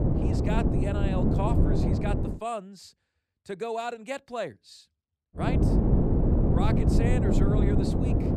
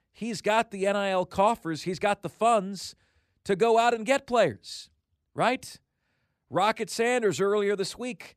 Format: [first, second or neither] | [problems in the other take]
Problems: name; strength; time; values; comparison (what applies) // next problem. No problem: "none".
second | wind noise on the microphone; heavy; until 2.5 s and from 5.5 s on; 2 dB above the speech